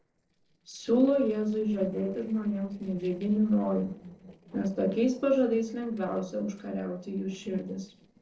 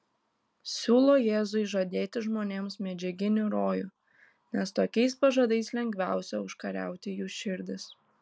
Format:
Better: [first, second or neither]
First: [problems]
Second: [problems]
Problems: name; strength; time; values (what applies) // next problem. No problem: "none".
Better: second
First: noise reduction (neural separator model SepFormer DNS4)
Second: none